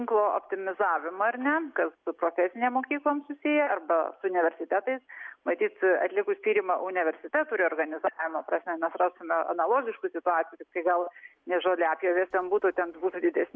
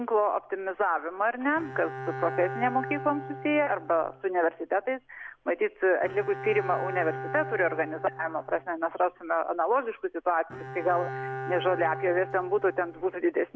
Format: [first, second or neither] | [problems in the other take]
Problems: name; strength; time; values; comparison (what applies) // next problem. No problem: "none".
first | background sound (Bowed string instrument); 11 dB below the speech